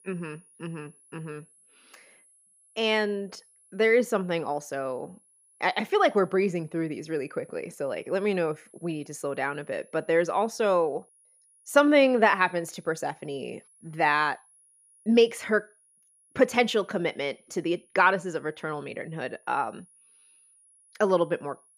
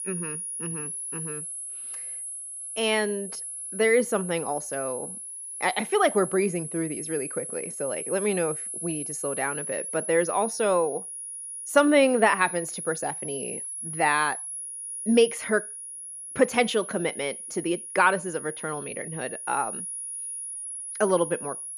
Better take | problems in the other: first | high-pitched whine; loud; throughout; 10.5 kHz, 7 dB below the speech; faint in the first

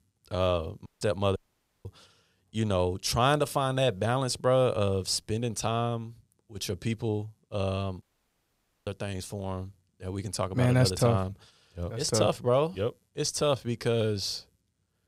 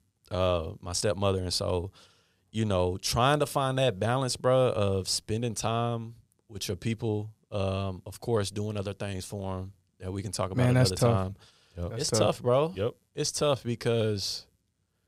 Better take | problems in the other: second | audio cutting out; at 1 s, at 1.5 s and at 8 s for 1 s

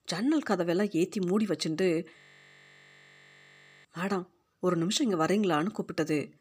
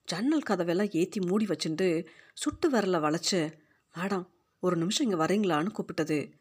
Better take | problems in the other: second | audio freezing; at 2 s for 1.5 s

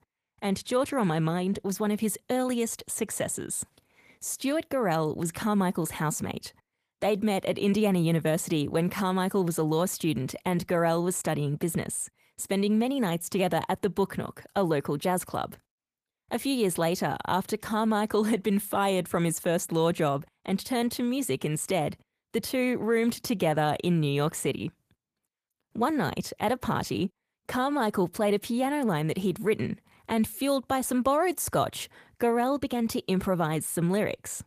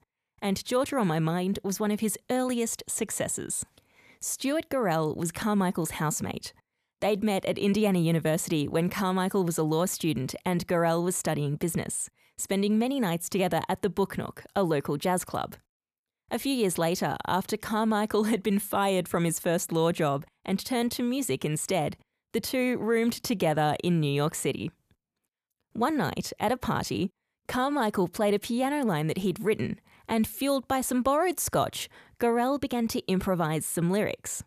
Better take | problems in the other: second | garbled, watery; slightly; nothing above 14.5 kHz

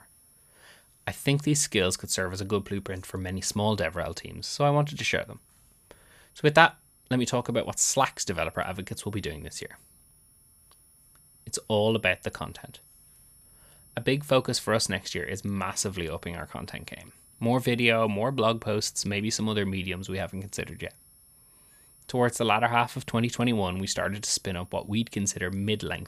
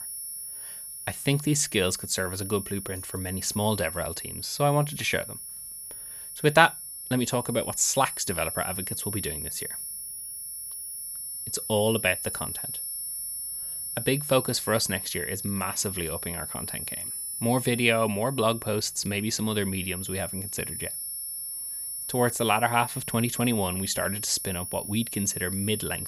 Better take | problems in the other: first | high-pitched whine; loud; throughout; 10 kHz, 6 dB below the speech; faint in the first

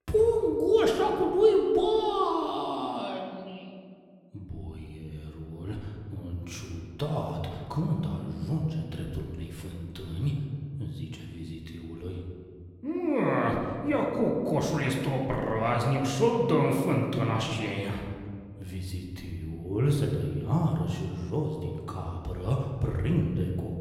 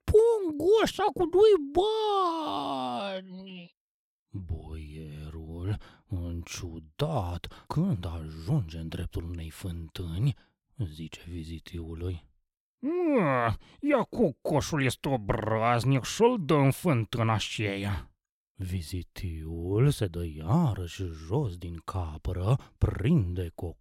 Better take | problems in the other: second | room echo; noticeable; dies away in 1.6 s // off-mic speech; somewhat distant

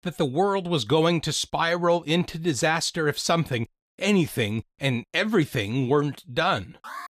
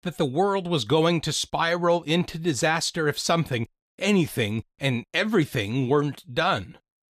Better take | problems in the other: second | alarm; faint; at 7 s; peak 15 dB below the speech

